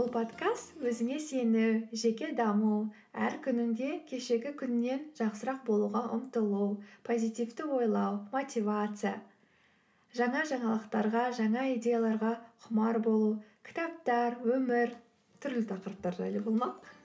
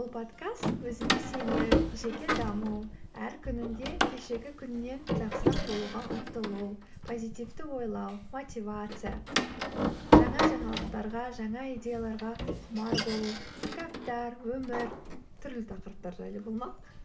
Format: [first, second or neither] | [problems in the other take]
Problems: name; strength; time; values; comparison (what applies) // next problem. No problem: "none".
first | background sound (Door); 5 dB above the speech